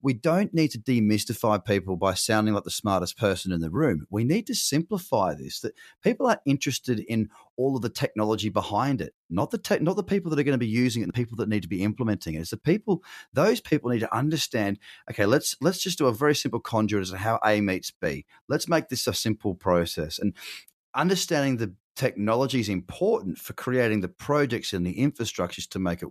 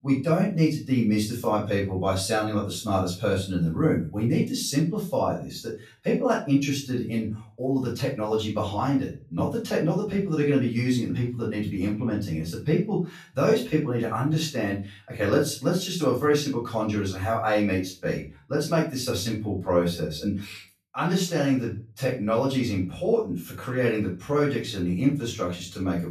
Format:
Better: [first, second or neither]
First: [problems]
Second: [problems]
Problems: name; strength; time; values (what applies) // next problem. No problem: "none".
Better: first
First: none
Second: off-mic speech; far // room echo; slight; dies away in 0.3 s